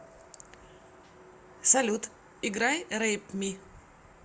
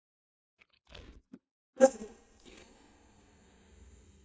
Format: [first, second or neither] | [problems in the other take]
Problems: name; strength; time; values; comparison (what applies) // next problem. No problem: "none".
first | noise reduction (neural mask model DeepFilterNet 3)